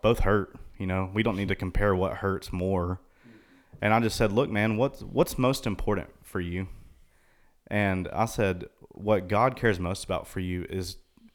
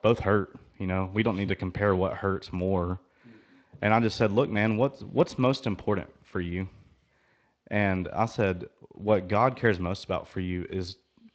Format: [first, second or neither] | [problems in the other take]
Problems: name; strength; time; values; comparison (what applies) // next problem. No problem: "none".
first | garbled, watery; slightly